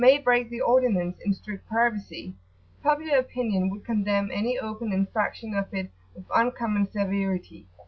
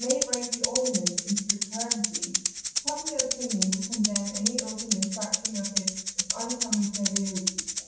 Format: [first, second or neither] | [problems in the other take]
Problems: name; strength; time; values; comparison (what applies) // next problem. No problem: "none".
first | background sound (Rattle (instrument)); 2 dB above the speech // room echo; dies away in 0.9 s